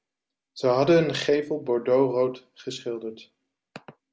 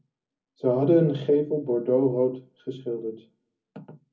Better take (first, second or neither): first